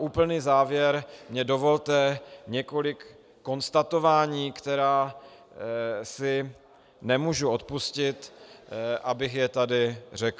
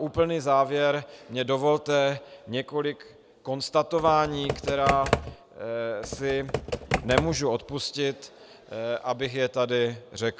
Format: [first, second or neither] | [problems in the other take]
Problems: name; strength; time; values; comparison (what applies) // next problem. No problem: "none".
first | background sound (Computer keyboard); 3 dB below the speech